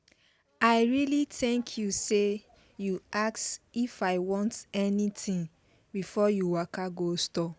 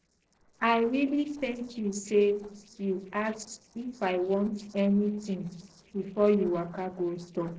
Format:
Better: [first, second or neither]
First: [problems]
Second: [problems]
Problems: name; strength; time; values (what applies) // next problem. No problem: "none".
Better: first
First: none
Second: noise reduction (neural separator model SepFormer DNS4)